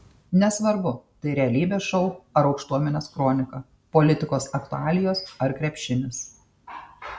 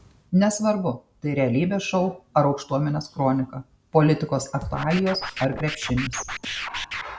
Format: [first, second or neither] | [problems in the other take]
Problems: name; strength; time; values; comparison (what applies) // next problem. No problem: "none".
first | background sound (Scratching (performance technique)); 8 dB below the speech